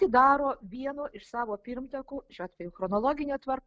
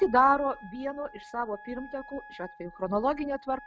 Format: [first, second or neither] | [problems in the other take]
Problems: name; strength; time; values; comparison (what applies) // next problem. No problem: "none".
first | background sound (Wind instrument, woodwind instrument); 20 dB below the speech